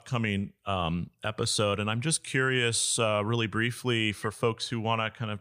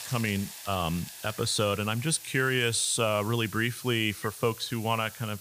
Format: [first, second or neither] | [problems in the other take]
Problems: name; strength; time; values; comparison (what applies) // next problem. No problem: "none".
first | hiss; noticeable; throughout; 15 dB below the speech